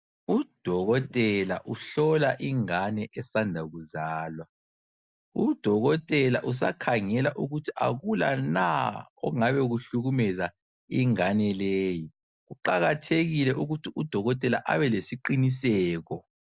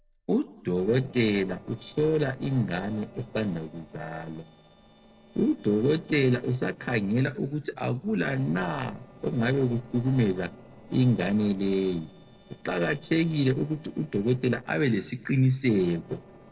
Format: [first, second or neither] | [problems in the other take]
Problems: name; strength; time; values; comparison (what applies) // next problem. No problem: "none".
first | noise reduction (neural separator model SepFormer DNS4)